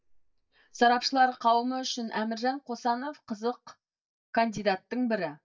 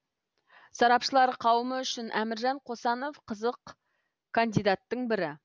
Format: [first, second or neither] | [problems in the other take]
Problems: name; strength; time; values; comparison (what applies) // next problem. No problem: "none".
second | noise reduction (neural mask model DeepFilterNet 3)